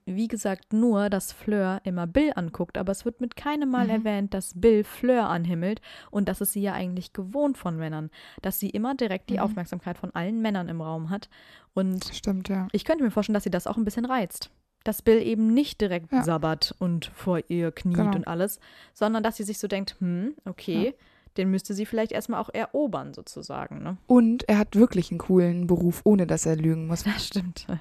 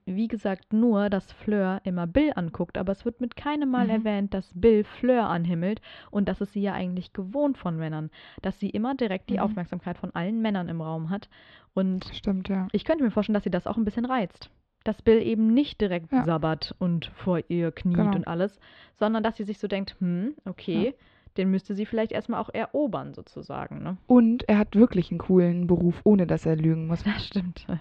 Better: first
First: none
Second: muffled; slightly; fading above 3.5 kHz

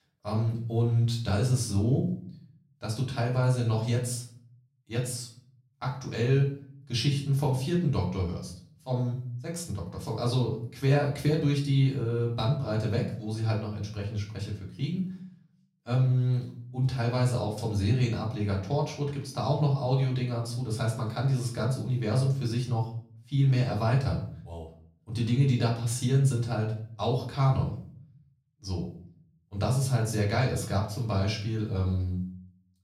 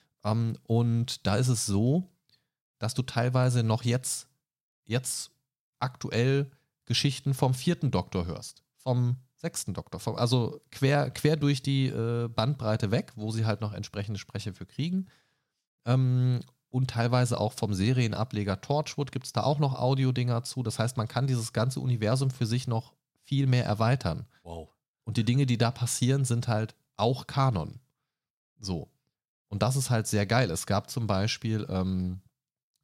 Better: second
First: off-mic speech; far // room echo; slight; dies away in 0.5 s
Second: none

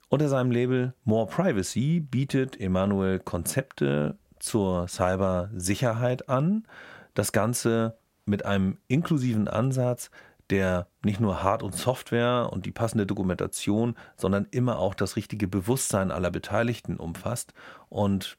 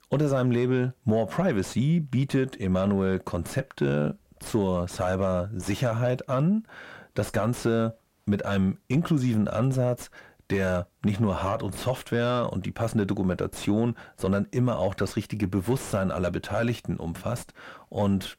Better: first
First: none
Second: distortion; slight; 10 dB below the speech

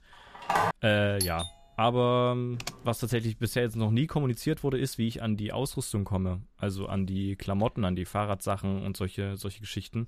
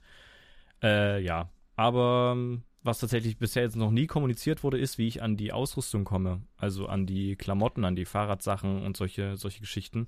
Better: second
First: phone ringing; loud; at 0.5 s; peak 2 dB above the speech // doorbell; noticeable; at 1 s; peak 3 dB below the speech // keyboard typing; noticeable; at 2.5 s; peak 10 dB below the speech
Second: none

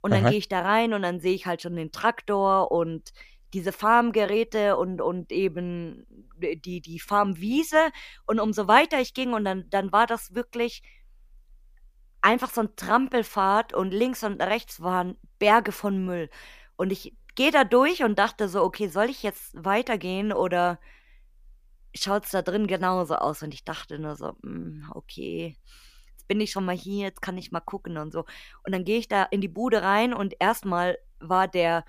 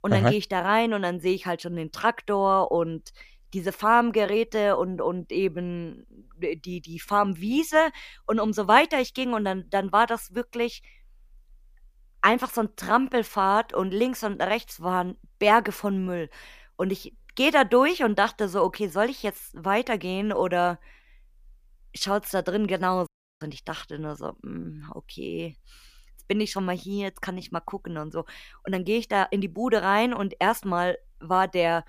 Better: first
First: none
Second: audio cutting out; at 23 s

